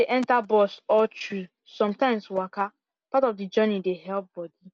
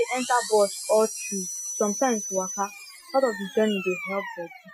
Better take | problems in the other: first | noise reduction (classical method Wiener filter)

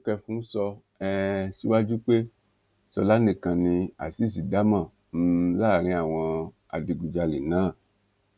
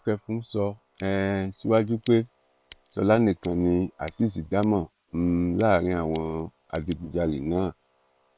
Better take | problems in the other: first | noise reduction (neural separator model SepFormer WHAM!)

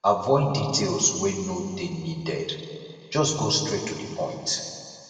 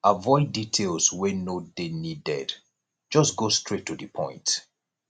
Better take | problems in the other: second | room echo; dies away in 2.3 s

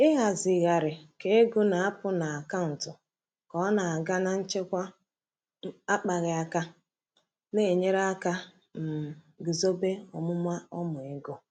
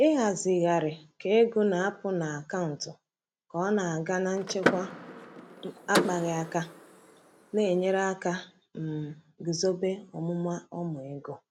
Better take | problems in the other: first | background sound (Door / Car); 4 dB below the speech

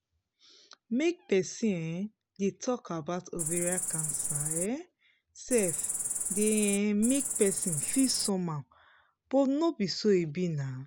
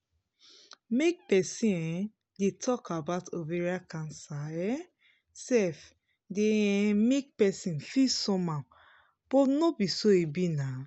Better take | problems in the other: second | background sound (Cricket); 2 dB below the speech

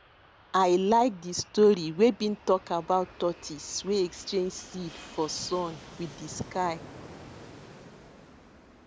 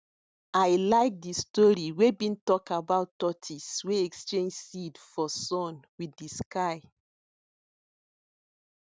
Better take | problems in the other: second | background sound (Fixed-wing aircraft, airplane); 20 dB below the speech

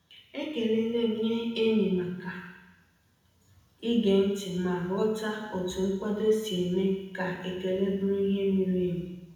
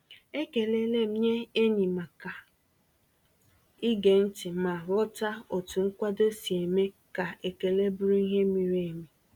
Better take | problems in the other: second | room echo; dies away in 1 s

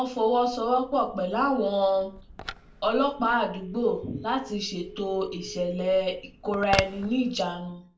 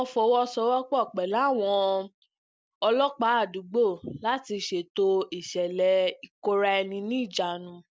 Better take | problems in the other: second | background sound (Telephone); 14 dB below the speech // room echo; dies away in 0.3 s

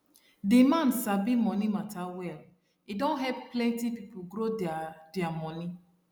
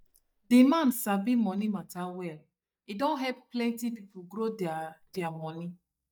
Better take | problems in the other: first | noise reduction (neural mask model DeepFilterNet 3)

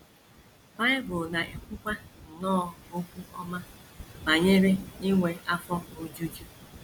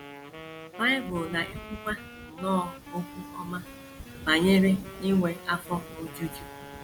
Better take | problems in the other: first | background sound (Wind instrument, woodwind instrument); 15 dB below the speech

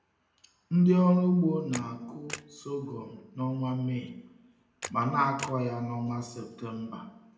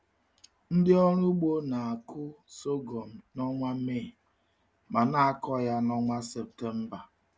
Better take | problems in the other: second | background sound (Camera); 17 dB below the speech // room echo; dies away in 0.7 s

